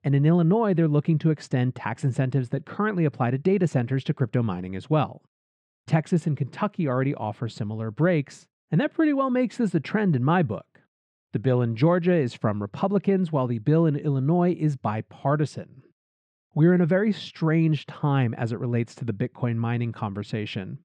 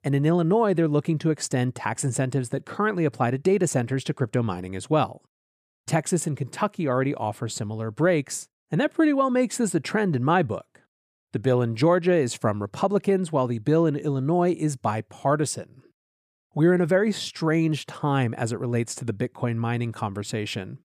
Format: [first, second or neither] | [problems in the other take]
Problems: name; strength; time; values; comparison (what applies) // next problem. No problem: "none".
second | muffled; slightly; fading above 3 kHz